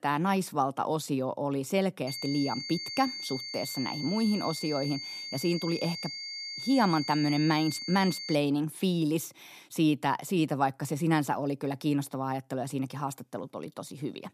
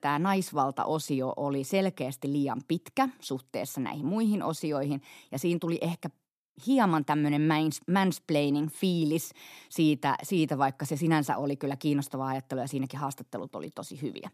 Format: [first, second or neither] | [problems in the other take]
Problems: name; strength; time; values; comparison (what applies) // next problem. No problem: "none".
second | high-pitched whine; loud; from 2 to 8.5 s; 4.5 kHz, 6 dB below the speech